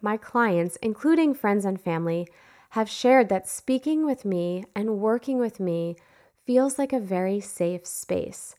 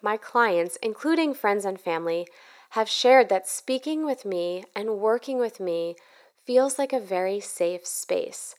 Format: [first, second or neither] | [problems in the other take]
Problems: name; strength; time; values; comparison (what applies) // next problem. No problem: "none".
first | thin; somewhat; fading below 450 Hz